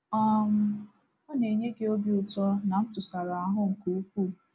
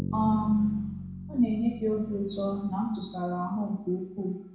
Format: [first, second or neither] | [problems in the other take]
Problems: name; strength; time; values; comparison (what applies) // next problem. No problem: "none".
first | background sound (Bass guitar); 11 dB below the speech // room echo; dies away in 0.6 s